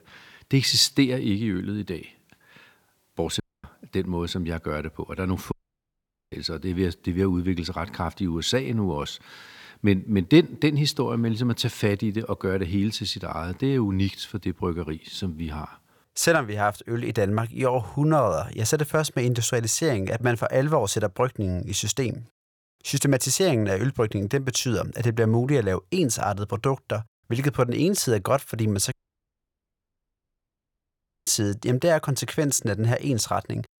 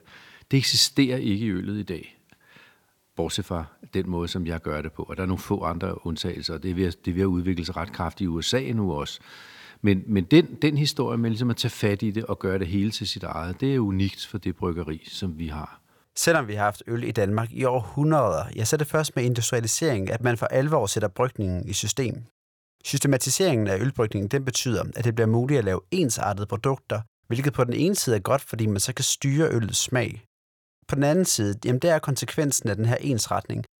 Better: second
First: audio cutting out; at 3.5 s, at 5.5 s for 1 s and at 29 s for 2.5 s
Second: none

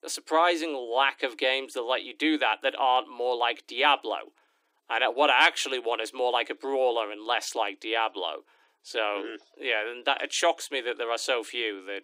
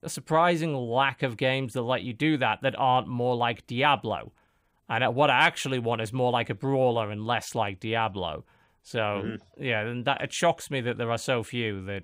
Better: second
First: thin; somewhat; fading below 300 Hz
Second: none

